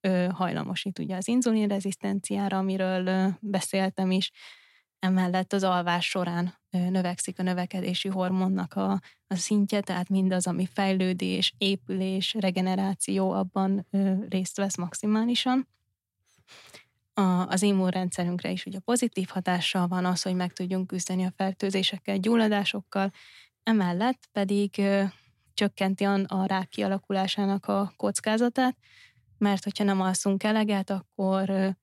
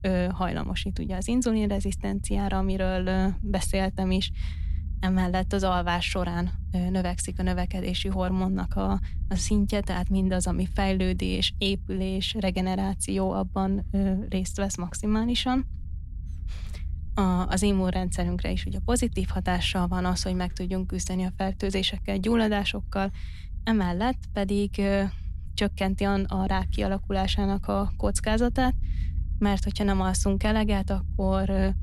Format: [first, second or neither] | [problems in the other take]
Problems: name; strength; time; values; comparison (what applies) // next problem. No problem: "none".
first | low rumble; faint; throughout; 25 dB below the speech